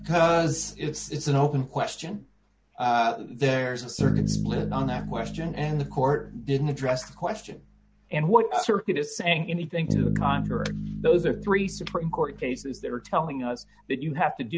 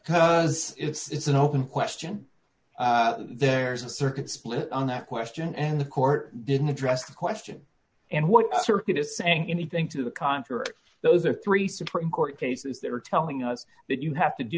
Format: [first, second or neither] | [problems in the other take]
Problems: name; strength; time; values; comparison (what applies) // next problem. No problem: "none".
second | background sound (Bass guitar); 7 dB below the speech